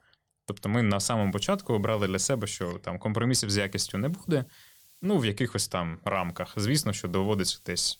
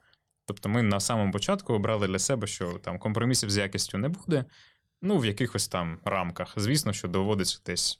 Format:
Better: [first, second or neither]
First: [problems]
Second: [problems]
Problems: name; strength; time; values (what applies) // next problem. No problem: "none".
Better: second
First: hiss; faint; from 1 to 2.5 s, from 3.5 to 5.5 s and from 6 s on; 25 dB below the speech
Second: none